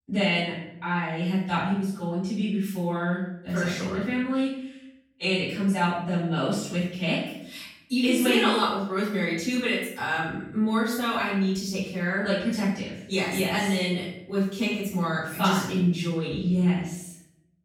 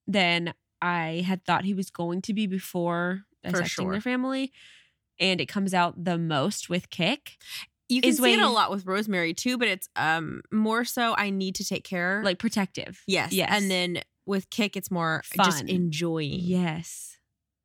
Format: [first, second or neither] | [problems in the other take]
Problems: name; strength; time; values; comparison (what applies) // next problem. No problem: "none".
second | room echo; noticeable; dies away in 0.7 s // off-mic speech; far